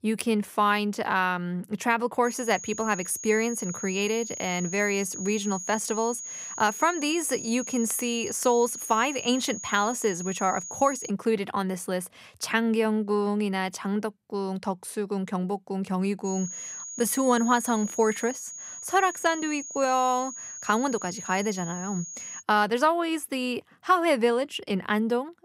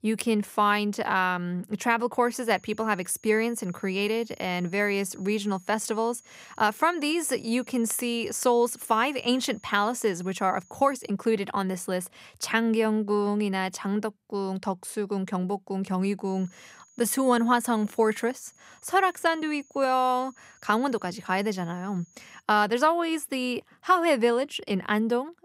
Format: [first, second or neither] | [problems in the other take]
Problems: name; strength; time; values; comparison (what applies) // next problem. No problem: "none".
second | high-pitched whine; loud; from 2.5 to 11 s and from 16 to 22 s; 6.5 kHz, 9 dB below the speech; faint in the second